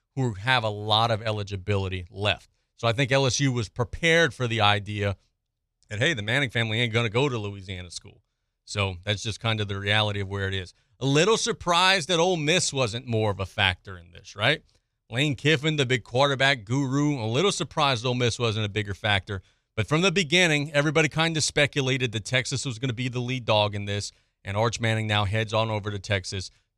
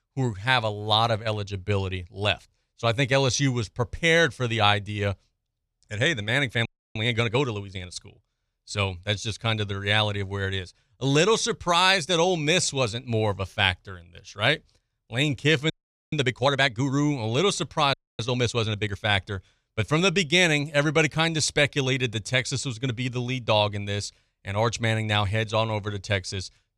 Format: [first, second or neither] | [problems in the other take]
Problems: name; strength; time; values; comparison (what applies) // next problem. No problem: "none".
first | audio freezing; at 6.5 s, at 16 s and at 18 s